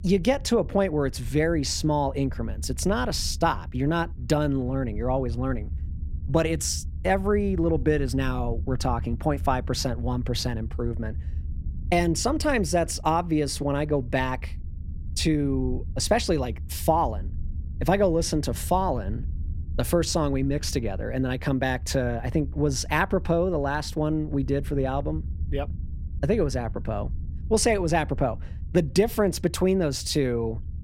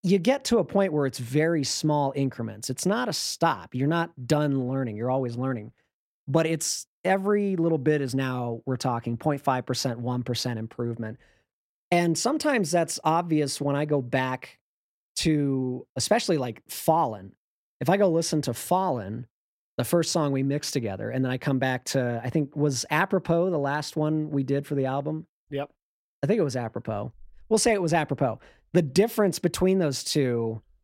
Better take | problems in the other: second | low rumble; faint; throughout; 25 dB below the speech

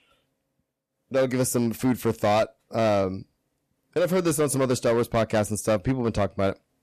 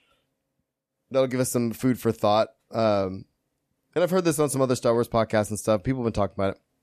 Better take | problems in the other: second | distortion; slight; 8% of the sound clipped

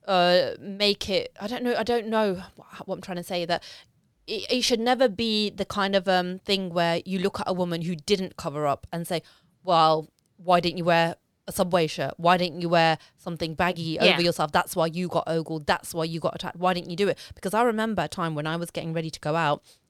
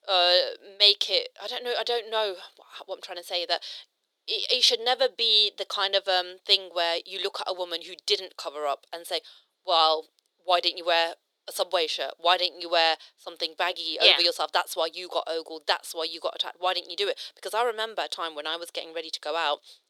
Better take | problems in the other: first | thin; very; fading below 400 Hz

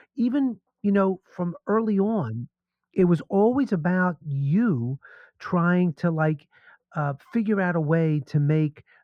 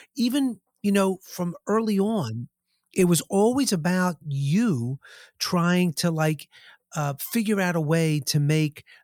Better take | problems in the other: second | muffled; very; fading above 4 kHz

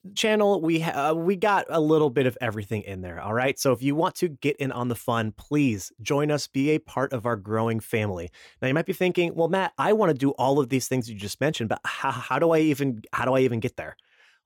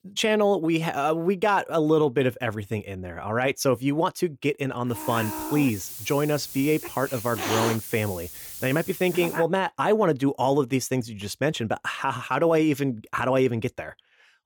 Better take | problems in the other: first | hiss; loud; from 5 to 9.5 s; 8 dB below the speech

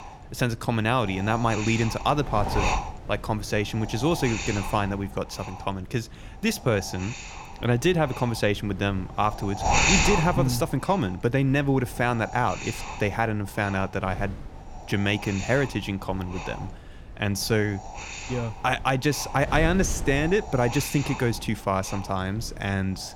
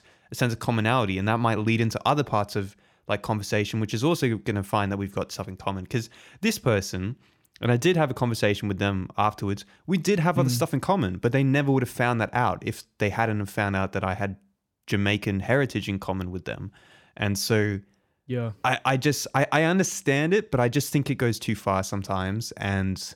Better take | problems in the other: second | wind noise on the microphone; heavy; 4 dB below the speech

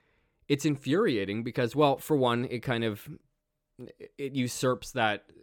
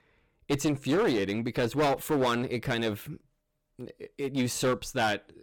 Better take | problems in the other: first | distortion; heavy; 11% of the sound clipped

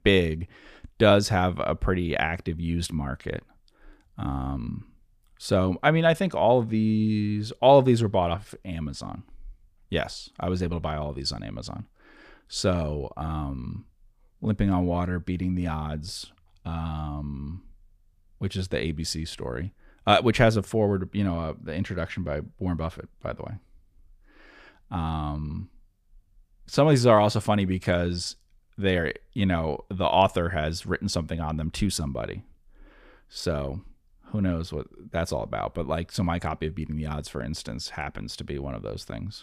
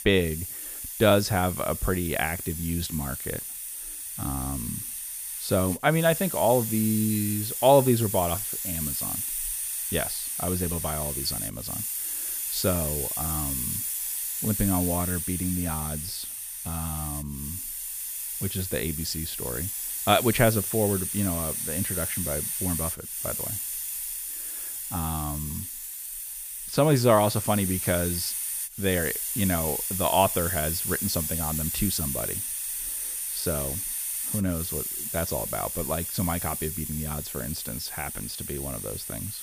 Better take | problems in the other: first | hiss; loud; throughout; 2 dB below the speech

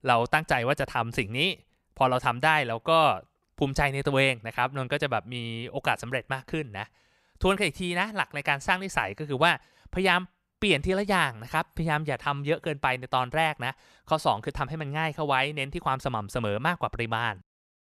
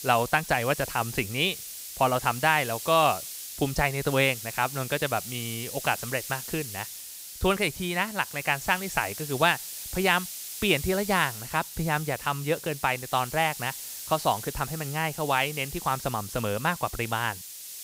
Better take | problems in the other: first | hiss; loud; throughout; 9 dB below the speech

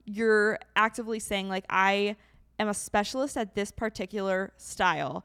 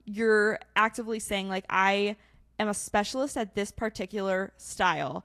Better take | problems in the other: first | garbled, watery; slightly

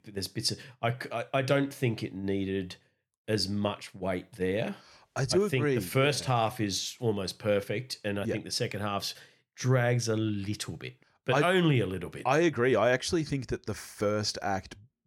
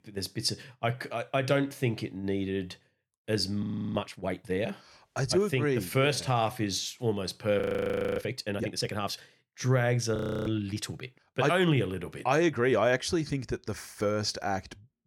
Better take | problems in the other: first | audio freezing; at 3.5 s, at 7.5 s for 0.5 s and at 10 s

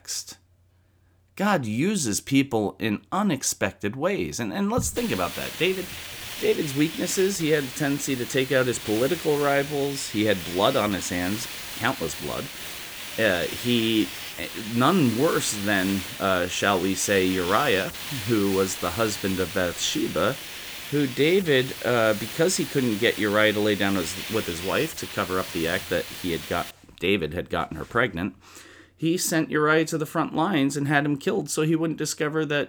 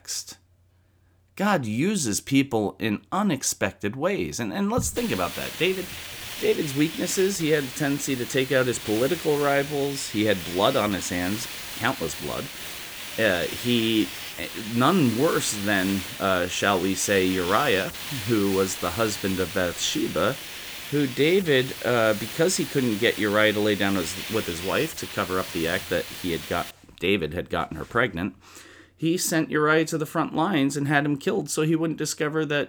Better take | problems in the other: neither | hiss; loud; from 5 to 27 s; 9 dB below the speech; the same in both

